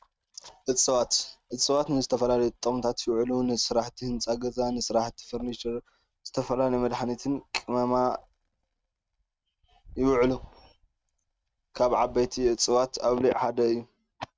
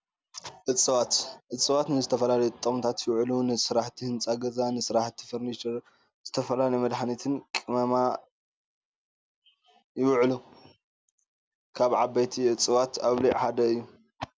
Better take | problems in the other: second | noise reduction (neural mask model RNNoise)

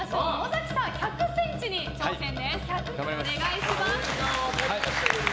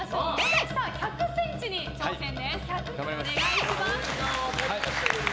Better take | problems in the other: first | background sound (Drill); 6 dB below the speech

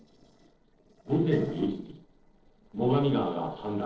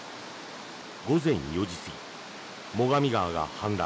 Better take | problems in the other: second | noise reduction (neural separator model SepFormer DNS4)

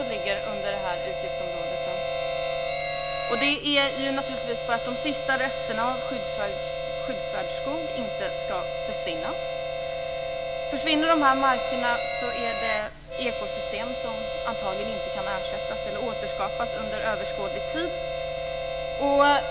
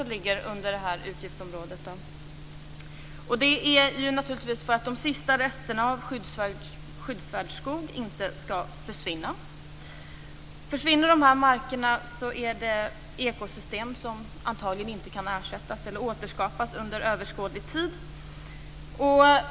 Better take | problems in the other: second | background sound (Harmonica); 1 dB below the speech

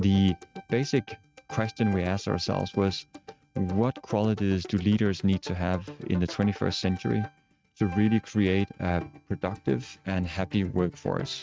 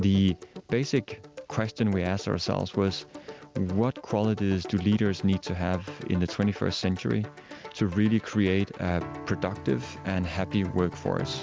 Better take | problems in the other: second | noise reduction (neural mask model RNNoise)

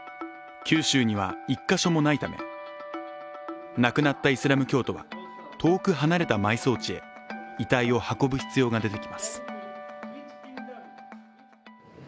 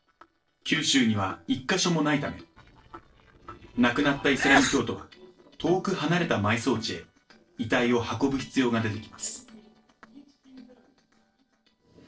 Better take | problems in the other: first | noise reduction (neural separator model SepFormer DNS4)

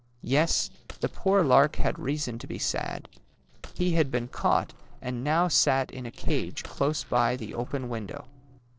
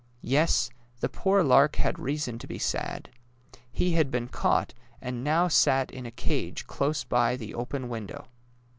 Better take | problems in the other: second | noise reduction (neural separator model SepFormer DNS4)

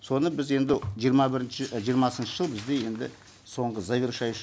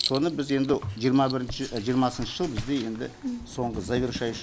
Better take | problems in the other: first | background sound (Writing); 10 dB below the speech

